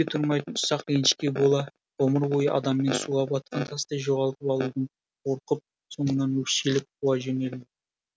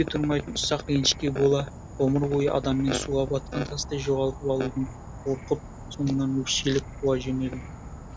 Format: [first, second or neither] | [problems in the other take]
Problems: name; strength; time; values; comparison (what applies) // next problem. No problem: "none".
first | background sound (Insect / Frog); 13 dB below the speech